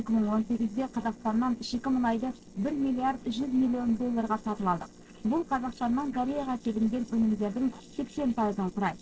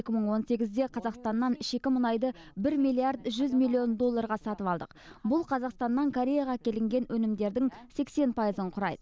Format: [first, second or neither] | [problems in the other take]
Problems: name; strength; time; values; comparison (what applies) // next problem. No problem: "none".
second | noise reduction (neural separator model SepFormer DNS4)